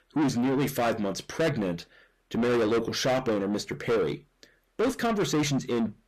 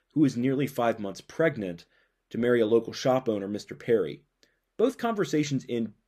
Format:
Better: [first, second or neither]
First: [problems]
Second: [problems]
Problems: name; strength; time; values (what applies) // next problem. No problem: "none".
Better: second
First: distortion; heavy; 6 dB below the speech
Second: none